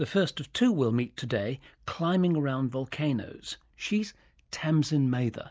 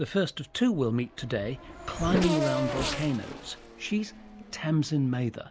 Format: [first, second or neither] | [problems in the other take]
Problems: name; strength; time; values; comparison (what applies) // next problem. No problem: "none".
first | background sound (Race car, auto racing / Accelerating, revving, vroom); 6 dB below the speech